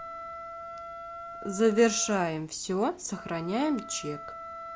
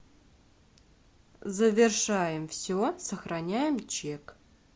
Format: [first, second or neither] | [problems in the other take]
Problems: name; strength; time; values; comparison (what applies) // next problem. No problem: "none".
second | background sound (Wind instrument, woodwind instrument); 12 dB below the speech